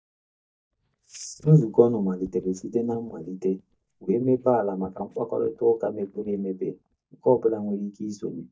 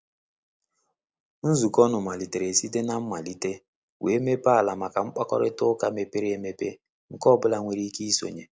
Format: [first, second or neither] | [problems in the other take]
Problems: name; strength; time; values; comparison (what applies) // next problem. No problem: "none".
second | noise reduction (neural mask model DeepFilterNet 3)